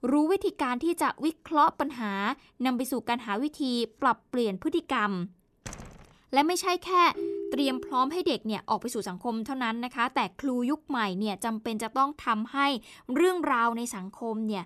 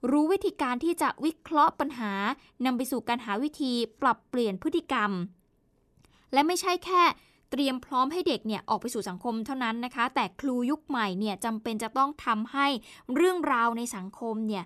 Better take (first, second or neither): second